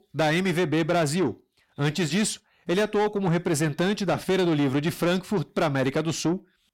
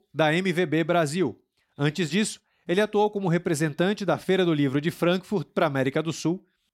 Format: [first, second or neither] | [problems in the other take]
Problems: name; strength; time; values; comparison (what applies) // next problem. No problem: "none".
second | distortion; slight; 10 dB below the speech